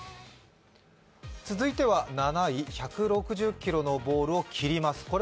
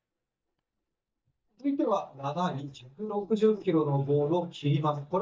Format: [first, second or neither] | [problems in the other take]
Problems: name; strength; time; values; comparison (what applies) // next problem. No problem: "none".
first | noise reduction (neural mask model DeepFilterNet 3)